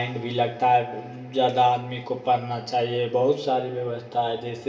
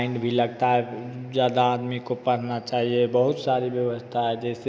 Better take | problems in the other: second | room echo; dies away in 0.4 s

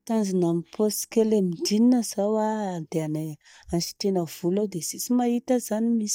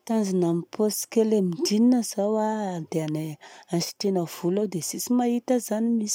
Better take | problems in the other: second | noise reduction (neural mask model DeepFilterNet 3)

